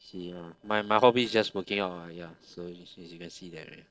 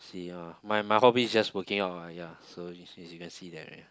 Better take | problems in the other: second | noise reduction (neural separator model SepFormer DNS4)

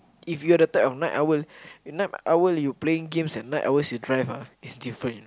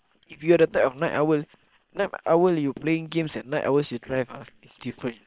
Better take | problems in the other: first | noise reduction (neural separator model SepFormer WHAM!)

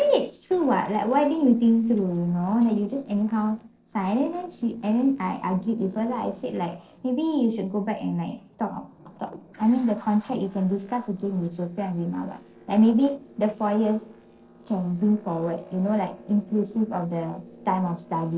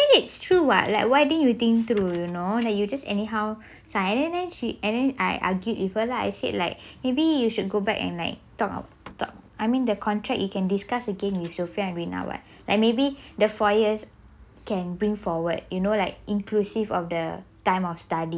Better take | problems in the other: second | noise reduction (neural separator model SepFormer DNS4)

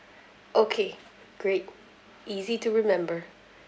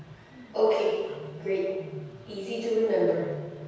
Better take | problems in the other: first | background sound (Bird); 16 dB below the speech // room echo; dies away in 1.2 s

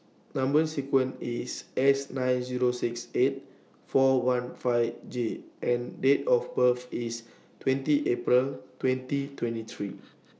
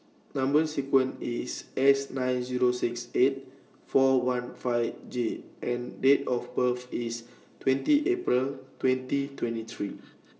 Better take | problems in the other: first | room echo; dies away in 0.4 s

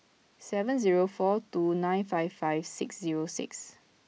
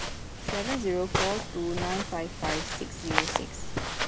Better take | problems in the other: first | background sound (Walk, footsteps); 2 dB above the speech

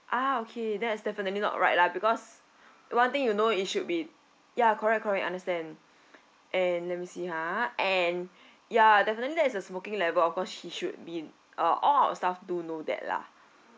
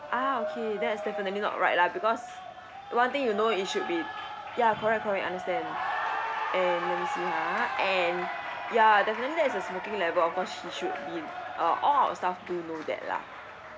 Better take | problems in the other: first | background sound (Cheering); 6 dB below the speech

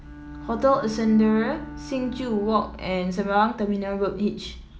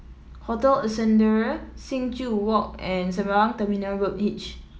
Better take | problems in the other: second | background sound (Bowed string instrument); 17 dB below the speech

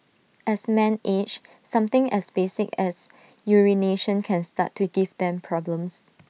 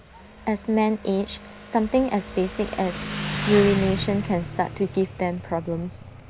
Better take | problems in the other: first | background sound (Motorcycle); 9 dB below the speech

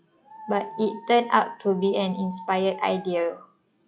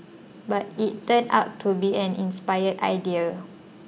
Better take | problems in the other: second | noise reduction (classical method log-MMSE)

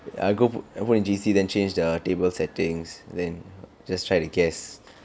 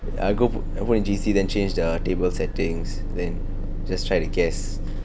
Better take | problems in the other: first | background sound (Engine); as loud as the speech

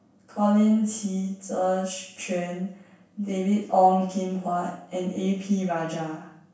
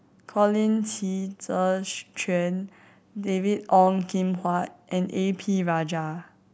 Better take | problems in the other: second | room echo; dies away in 0.7 s

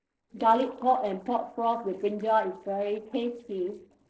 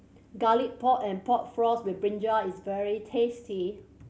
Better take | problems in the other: second | noise reduction (neural separator model SepFormer DNS4)

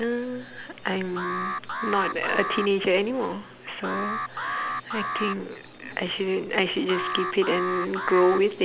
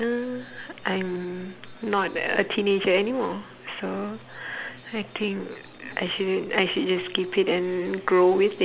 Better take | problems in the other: second | background sound (Alarm); 4 dB below the speech

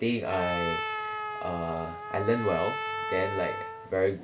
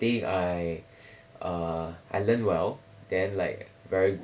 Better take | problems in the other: second | background sound (Trumpet); 4 dB below the speech

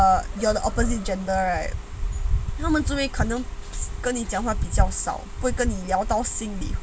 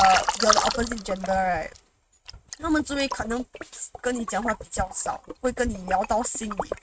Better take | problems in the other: first | noise reduction (neural mask model RNNoise)

